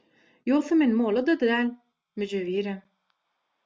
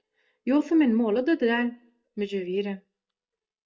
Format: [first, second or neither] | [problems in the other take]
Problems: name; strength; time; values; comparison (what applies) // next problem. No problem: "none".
first | noise reduction (neural mask model DeepFilterNet 3)